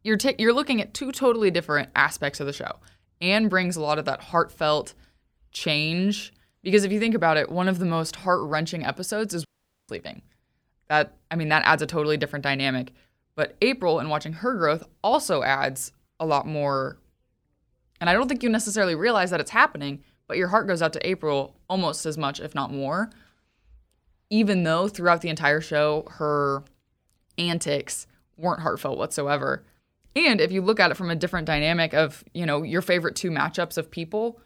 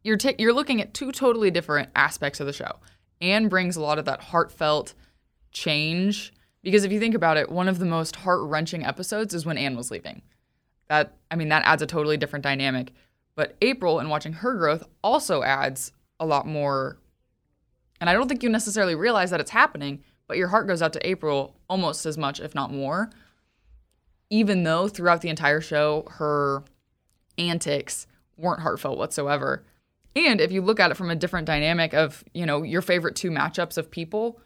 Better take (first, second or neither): second